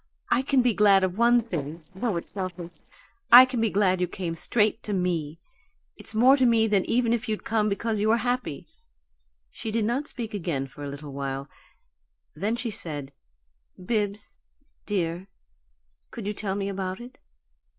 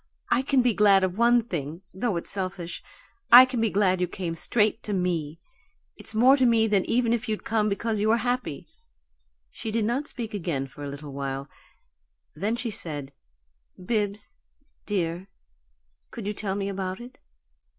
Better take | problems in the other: second | noise reduction (neural separator model SepFormer DNS4)

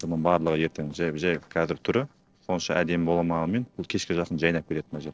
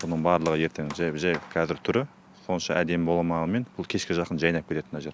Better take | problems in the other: second | noise reduction (neural separator model SepFormer DNS4)

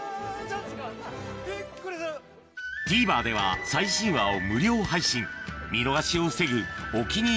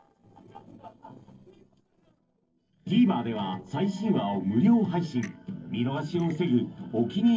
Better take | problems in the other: first | noise reduction (neural separator model SepFormer DNS4)

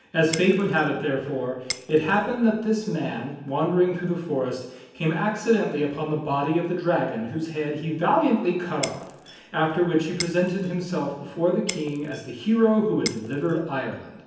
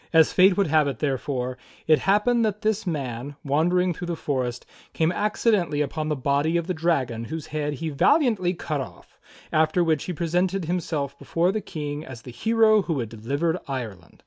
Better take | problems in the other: second | background sound (Shatter); 15 dB below the speech // room echo; dies away in 0.9 s

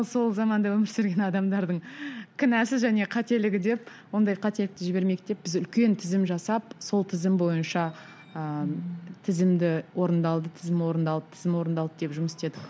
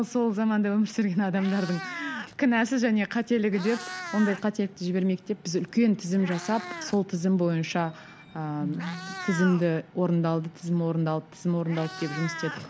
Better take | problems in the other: first | background sound (Meow); 15 dB below the speech

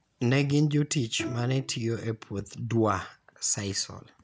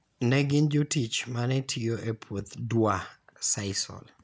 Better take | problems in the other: second | background sound (Bowed string instrument); 16 dB below the speech

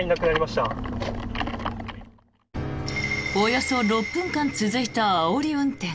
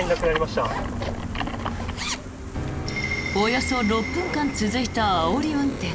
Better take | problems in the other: first | background sound (Zipper (clothing) + Gull, seagull); 7 dB below the speech

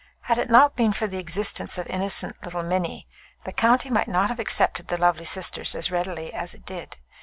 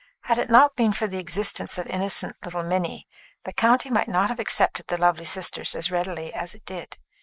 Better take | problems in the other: first | noise reduction (neural mask model Resemble Enhance denoiser)

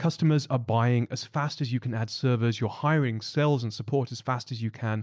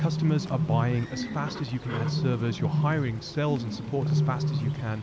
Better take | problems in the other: first | background sound (Bird); as loud as the speech

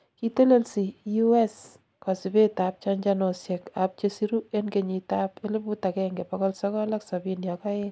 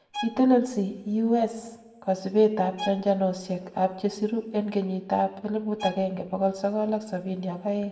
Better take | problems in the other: first | background sound (Bowed string instrument); 16 dB below the speech // room echo; dies away in 0.7 s

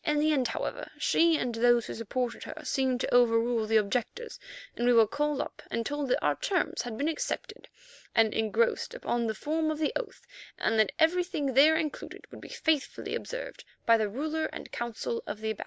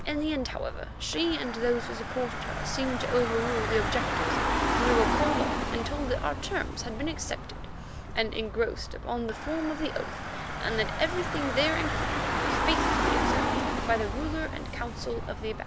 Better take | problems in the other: first | background sound (Engine / Car); 1 dB above the speech

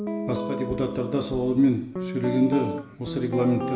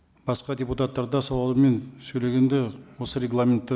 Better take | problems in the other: second | background sound (Guitar); 6 dB below the speech // room echo; dies away in 0.9 s

